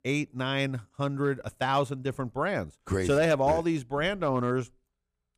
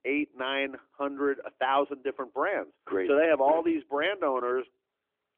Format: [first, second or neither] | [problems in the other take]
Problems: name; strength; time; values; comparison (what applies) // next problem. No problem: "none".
first | phone-call audio; nothing above 3.5 kHz